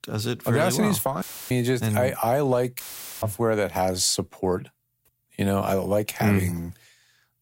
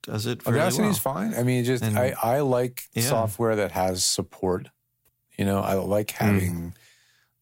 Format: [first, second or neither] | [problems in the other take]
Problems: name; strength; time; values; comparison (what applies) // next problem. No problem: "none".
second | audio cutting out; filled with static; at 1 s and at 3 s